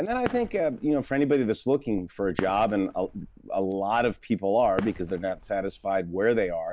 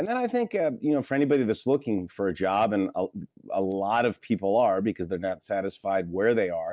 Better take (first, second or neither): second